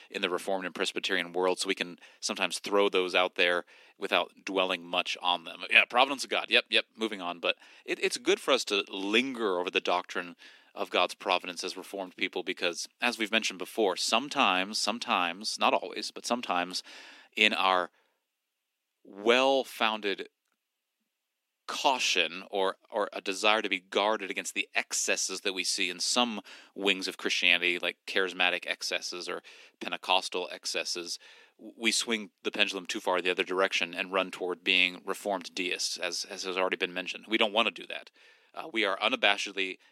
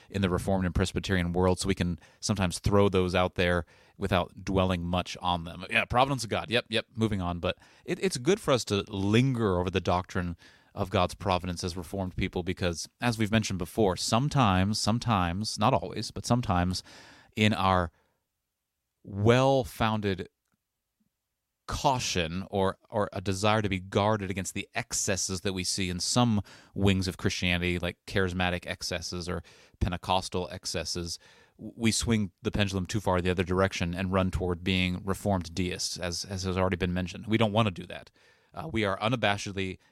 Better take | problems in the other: second | thin; somewhat; fading below 250 Hz

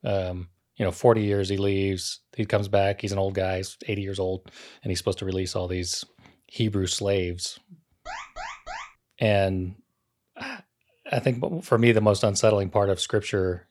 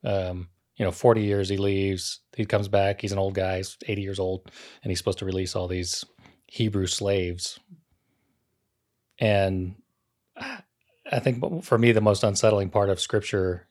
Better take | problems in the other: second | alarm; faint; at 8 s; peak 10 dB below the speech

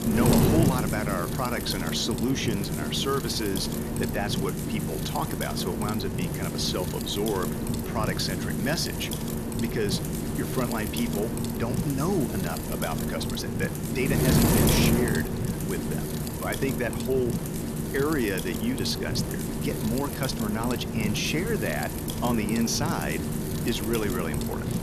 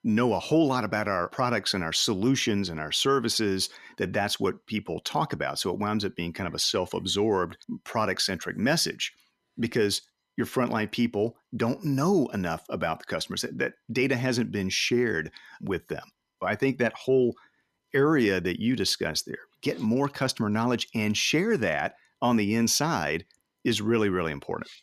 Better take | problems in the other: second | wind noise on the microphone; heavy; 2 dB below the speech

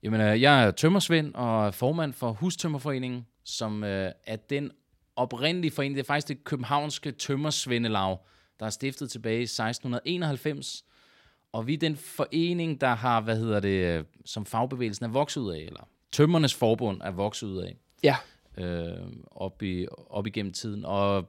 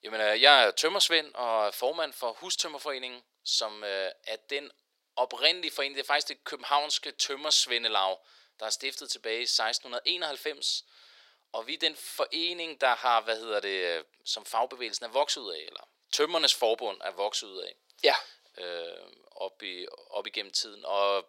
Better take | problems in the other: first | thin; very; fading below 450 Hz

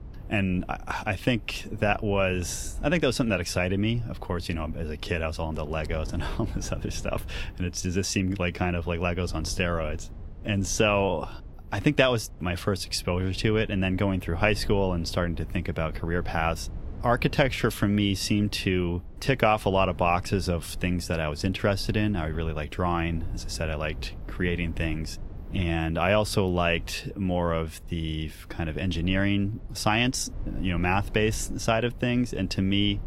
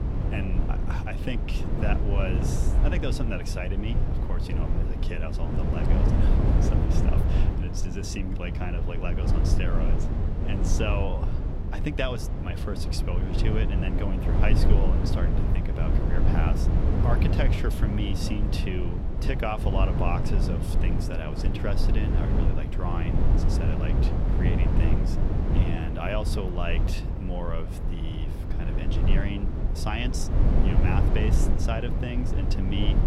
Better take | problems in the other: first | low rumble; loud; throughout; 1 dB below the speech; faint in the first

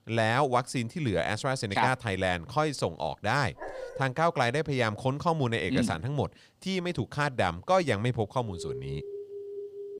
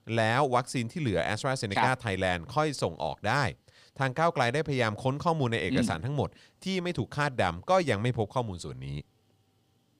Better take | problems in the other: second | dog barking; faint; at 3.5 s; peak 10 dB below the speech // alarm; faint; from 8.5 s on; peak 10 dB below the speech

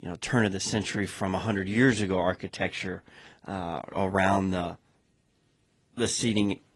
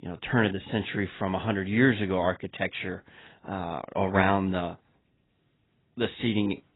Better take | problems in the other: first | garbled, watery; badly; nothing above 4 kHz; slightly in the first

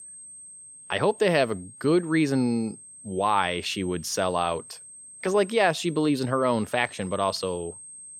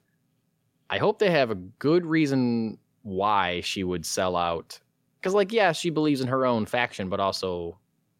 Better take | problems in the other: second | high-pitched whine; noticeable; throughout; 8.5 kHz, 20 dB below the speech

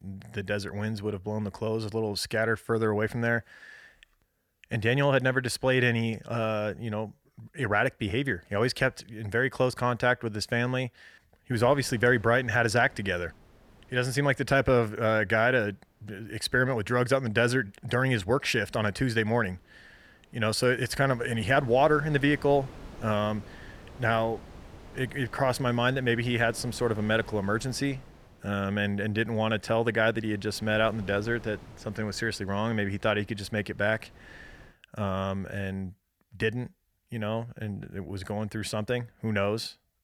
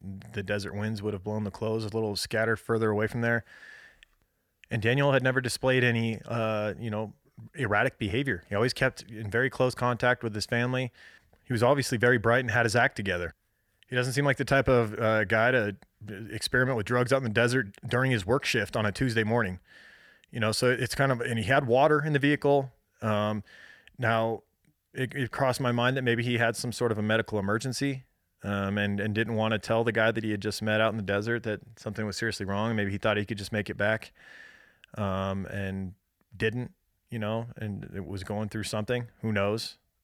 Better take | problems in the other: second | wind noise on the microphone; occasional gusts; from 12 to 35 s; 25 dB below the speech

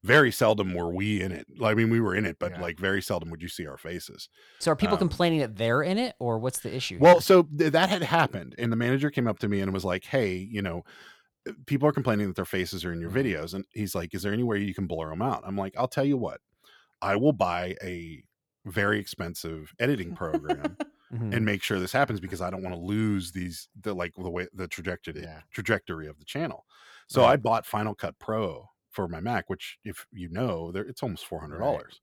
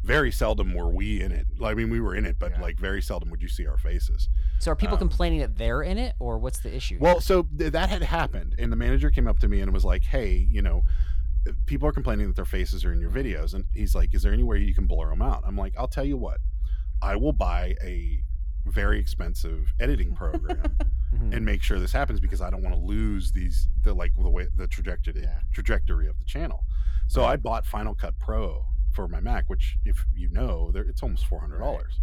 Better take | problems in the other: first | low rumble; faint; throughout; 20 dB below the speech

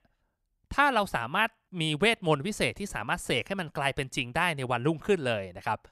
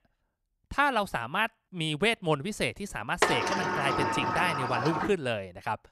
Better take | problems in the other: first | door banging; loud; from 3 to 5 s; peak 3 dB above the speech

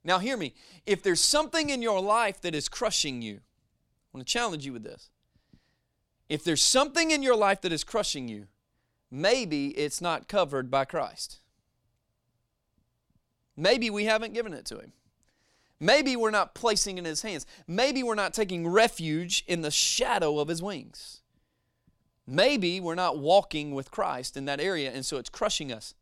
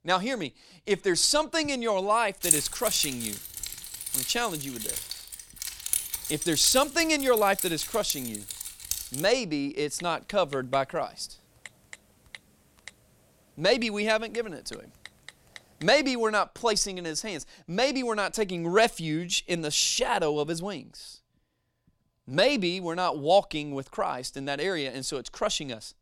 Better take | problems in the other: first | jangling keys; loud; from 2.5 to 9 s; peak 3 dB above the speech // keyboard typing; faint; from 10 to 16 s; peak 20 dB below the speech

